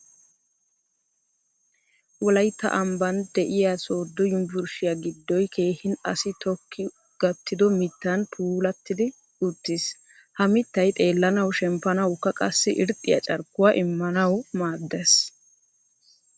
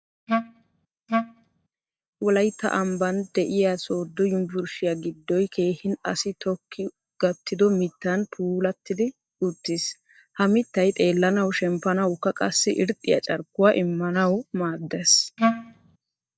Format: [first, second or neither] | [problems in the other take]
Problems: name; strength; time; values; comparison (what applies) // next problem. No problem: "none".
first | noise reduction (neural mask model DeepFilterNet 3)